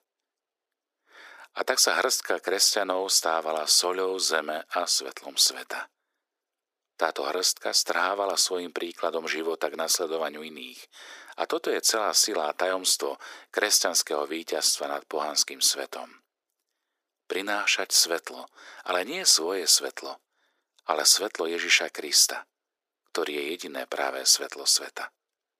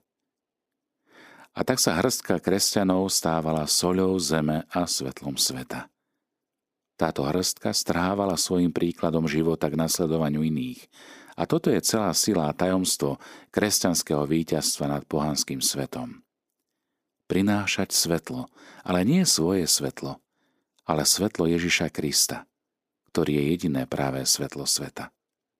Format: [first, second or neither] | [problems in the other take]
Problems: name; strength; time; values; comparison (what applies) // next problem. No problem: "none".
second | thin; very; fading below 400 Hz